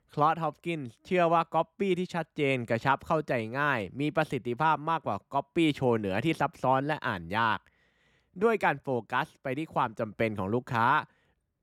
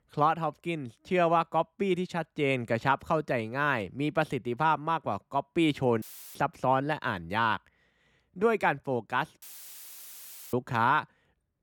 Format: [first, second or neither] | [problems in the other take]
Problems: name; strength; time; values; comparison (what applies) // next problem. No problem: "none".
first | audio cutting out; filled with static; at 6 s and at 9.5 s for 1 s